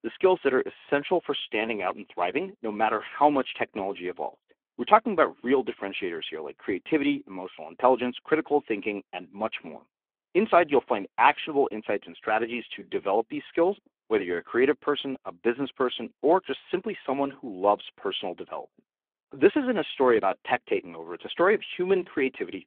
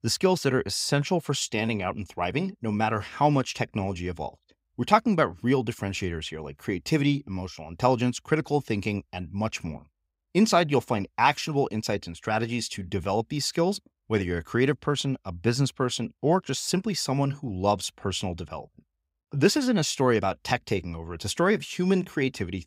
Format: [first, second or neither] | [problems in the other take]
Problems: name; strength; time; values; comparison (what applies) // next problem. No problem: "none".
second | phone-call audio; nothing above 3.5 kHz